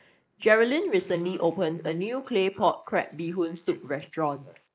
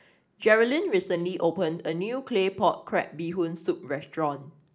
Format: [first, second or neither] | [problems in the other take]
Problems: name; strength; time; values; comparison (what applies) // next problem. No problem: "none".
second | noise reduction (neural mask model Resemble Enhance denoiser)